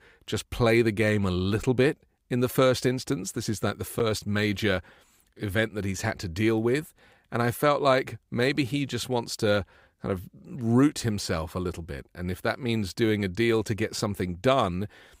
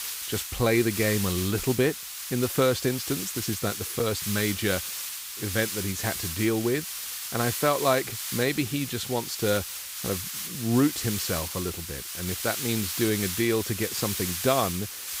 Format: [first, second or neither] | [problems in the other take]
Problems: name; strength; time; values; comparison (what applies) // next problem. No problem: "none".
first | hiss; loud; throughout; 4 dB below the speech